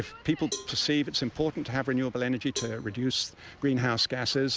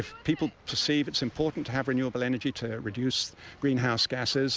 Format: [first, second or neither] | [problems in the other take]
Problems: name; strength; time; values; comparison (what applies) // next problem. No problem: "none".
second | background sound (Cowbell); 16 dB below the speech